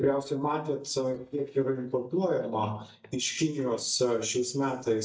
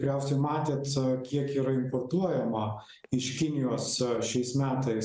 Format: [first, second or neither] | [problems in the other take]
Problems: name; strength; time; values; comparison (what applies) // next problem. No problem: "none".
second | noise reduction (neural mask model DeepFilterNet 3)